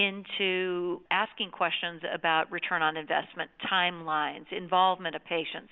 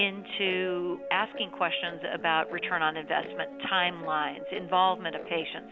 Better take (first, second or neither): first